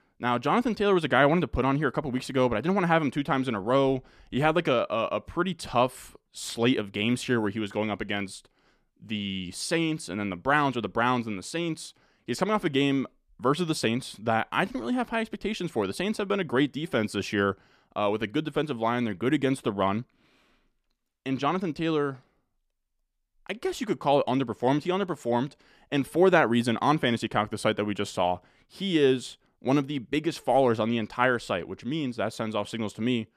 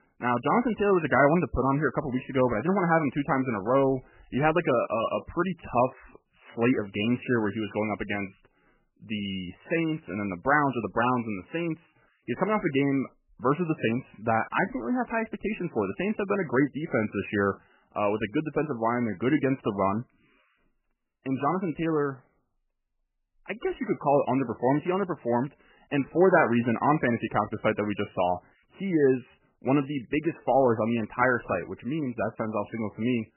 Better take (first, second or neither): first